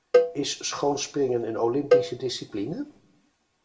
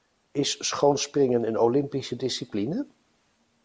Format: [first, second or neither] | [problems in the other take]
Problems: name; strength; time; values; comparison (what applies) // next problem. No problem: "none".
second | background sound (Cowbell); 1 dB above the speech // room echo; dies away in 0.4 s